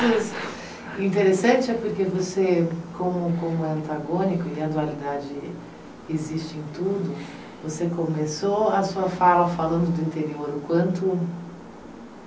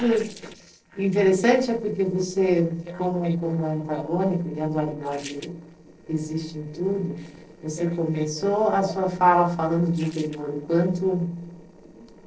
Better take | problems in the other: first | noise reduction (neural separator model SepFormer DNS4)

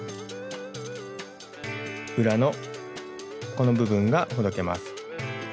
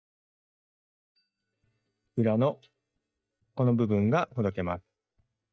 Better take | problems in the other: first | noise reduction (neural mask model DeepFilterNet 3)

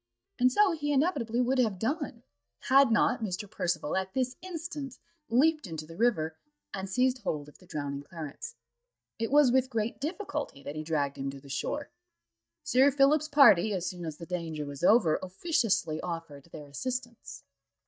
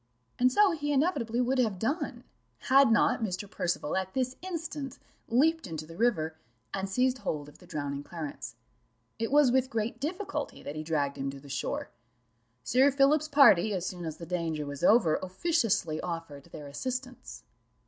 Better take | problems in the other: second | noise reduction (neural mask model DeepFilterNet 3)

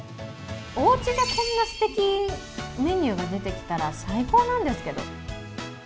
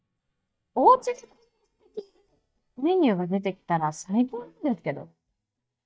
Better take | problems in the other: first | noise reduction (neural mask model DeepFilterNet 3)

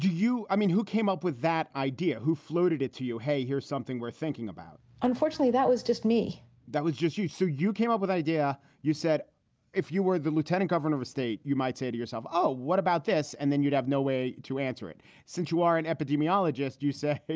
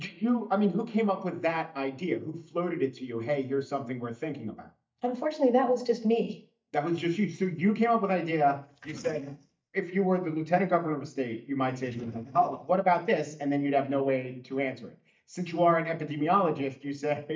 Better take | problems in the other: first | noise reduction (neural mask model DeepFilterNet 3)

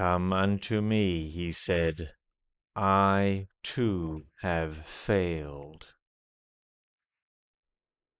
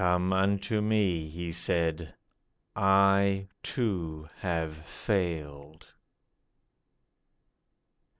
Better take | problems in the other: second | noise reduction (neural mask model Resemble Enhance denoiser)

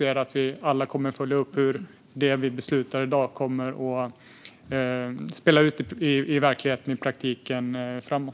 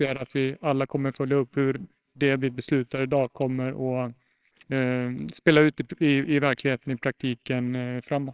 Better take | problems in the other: first | noise reduction (neural separator model SepFormer WHAMR!)

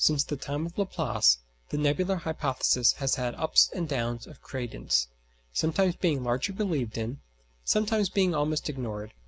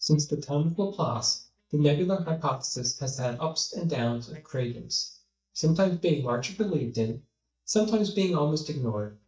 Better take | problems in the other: first | noise reduction (neural mask model DeepFilterNet 3)

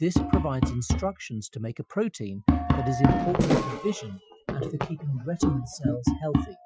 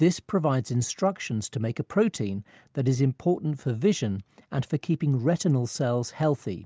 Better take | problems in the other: second | noise reduction (classical method Wiener filter)

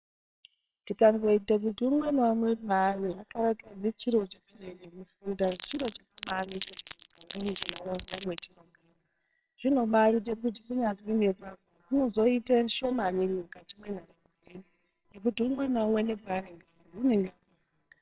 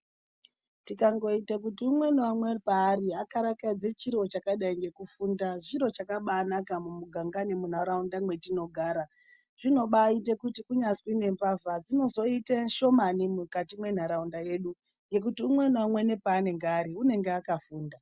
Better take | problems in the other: second | noise reduction (neural separator model SepFormer WHAMR!)

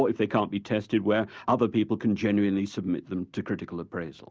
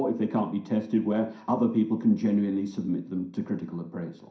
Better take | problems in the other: first | room echo; dies away in 0.5 s

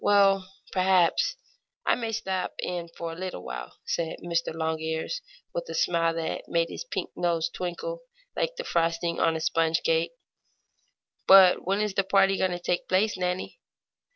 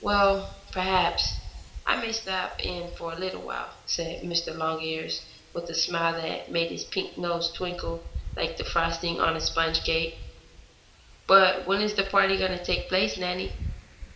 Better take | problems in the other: first | background sound (Wind); 12 dB below the speech // room echo; dies away in 1.6 s

